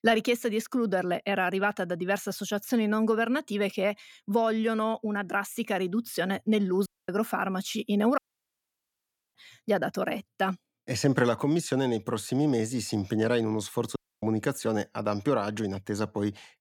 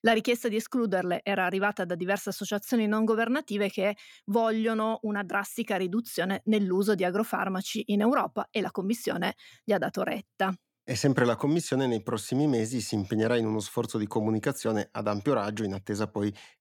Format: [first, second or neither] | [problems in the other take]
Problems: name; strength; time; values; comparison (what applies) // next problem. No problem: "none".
second | audio cutting out; at 7 s, at 8 s for 1 s and at 14 s